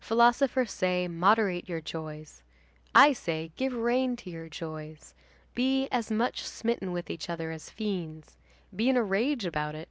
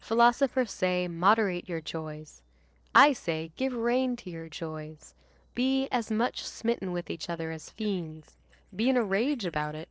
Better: first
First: none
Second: noise reduction (neural separator model SepFormer DNS4)

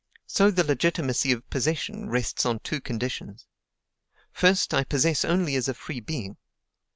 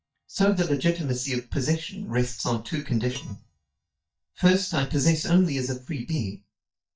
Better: first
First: none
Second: noise reduction (neural mask model DeepFilterNet 3)

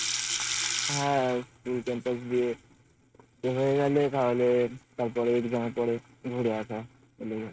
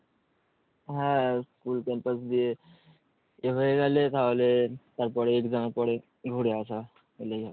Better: second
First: noise reduction (neural mask model RNNoise)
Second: none

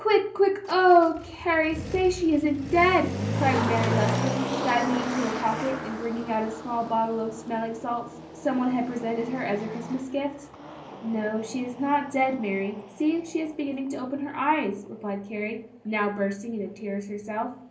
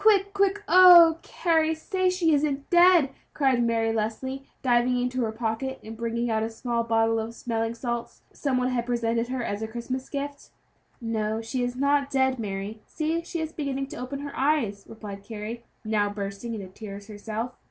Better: second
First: background sound (Motor vehicle (road)); 8 dB below the speech // room echo; dies away in 0.5 s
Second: none

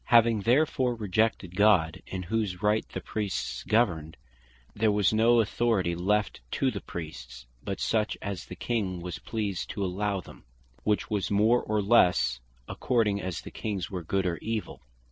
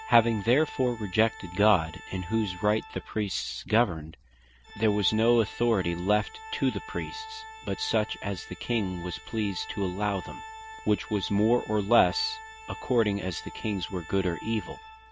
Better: first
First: none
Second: background sound (Organ); 16 dB below the speech

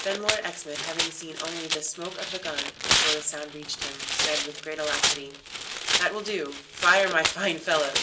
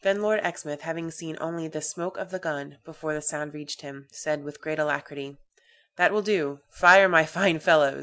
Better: second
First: background sound (Tearing); as loud as the speech // room echo; dies away in 0.2 s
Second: none

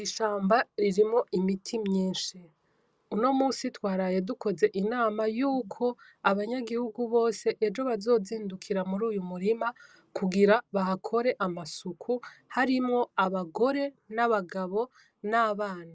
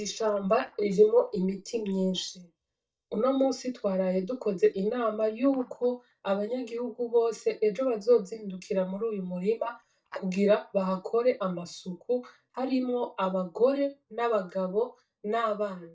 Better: first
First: none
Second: noise reduction (neural mask model DeepFilterNet 3)

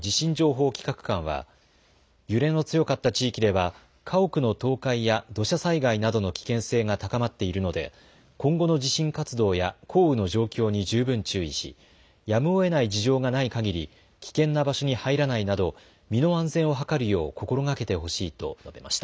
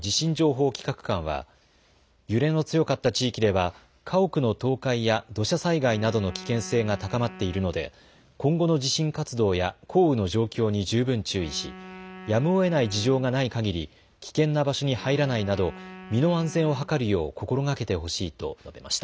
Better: first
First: none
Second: background sound (Wind instrument, woodwind instrument); 19 dB below the speech

